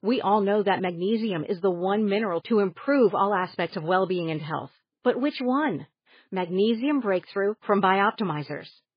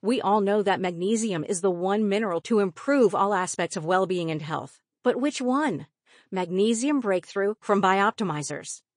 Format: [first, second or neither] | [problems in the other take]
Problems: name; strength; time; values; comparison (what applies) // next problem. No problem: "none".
second | garbled, watery; badly; nothing above 4.5 kHz; slightly in the second